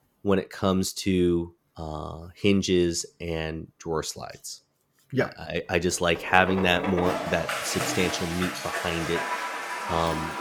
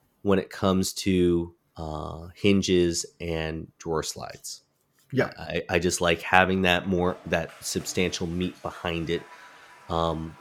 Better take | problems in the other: second | household noises; loud; from 6 s on; 4 dB below the speech; faint in the second

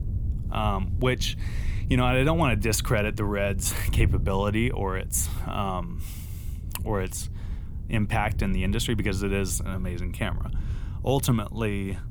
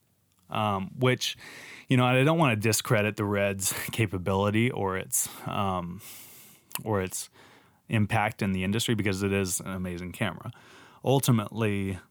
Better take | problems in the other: second | wind noise on the microphone; occasional gusts; 20 dB below the speech

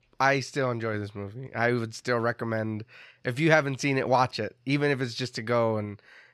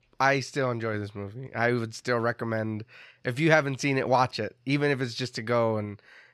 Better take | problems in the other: neither | none

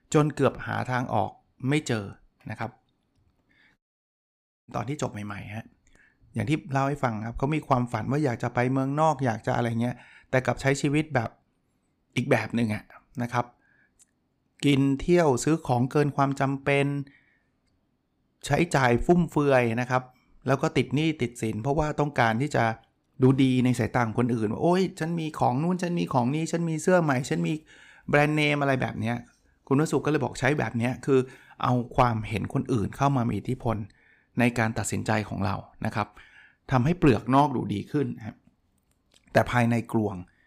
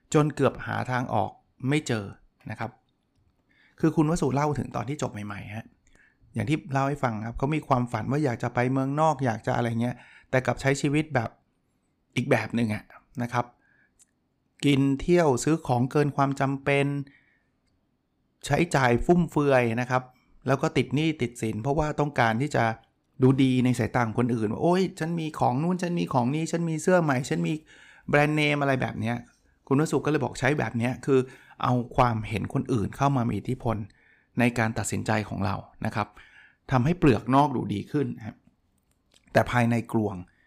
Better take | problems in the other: second | audio cutting out; at 4 s for 1 s

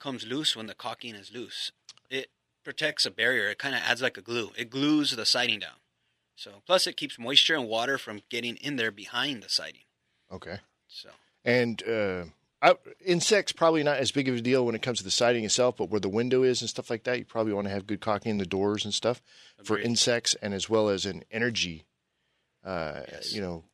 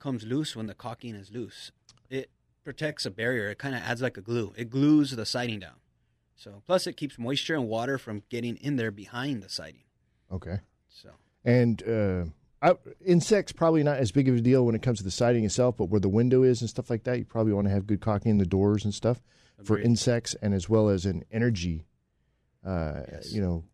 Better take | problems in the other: second | thin; somewhat; fading below 750 Hz

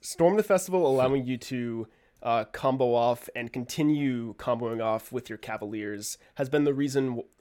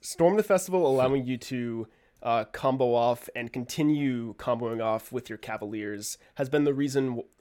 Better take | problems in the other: neither | none

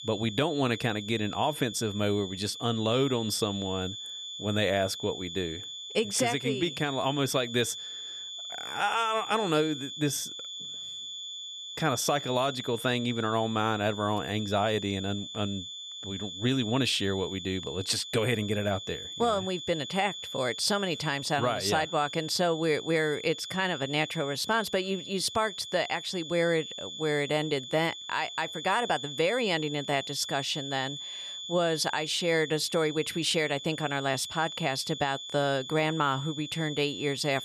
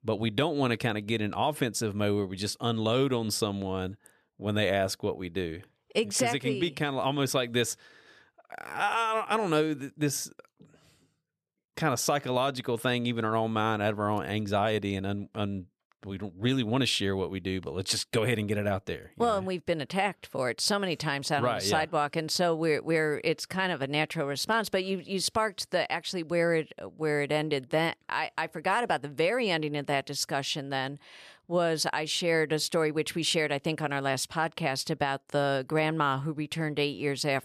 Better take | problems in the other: second | high-pitched whine; loud; throughout; 3.5 kHz, 9 dB below the speech

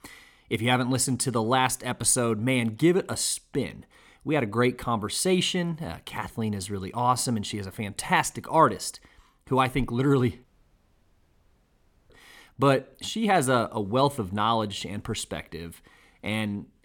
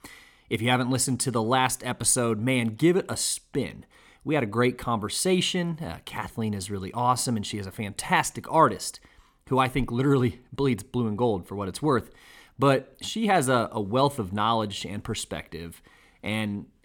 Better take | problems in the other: second | audio cutting out; at 10 s for 1.5 s

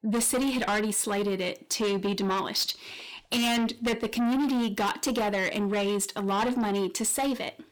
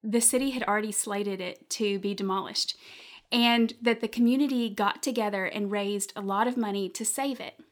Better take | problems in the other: second | distortion; heavy; 6 dB below the speech

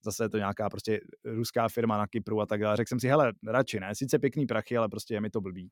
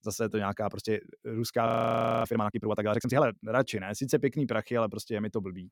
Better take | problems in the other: first | audio freezing; at 1.5 s for 0.5 s

